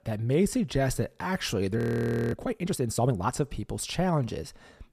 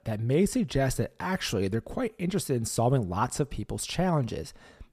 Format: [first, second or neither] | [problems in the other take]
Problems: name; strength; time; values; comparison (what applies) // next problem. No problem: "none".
second | audio freezing; at 2 s for 0.5 s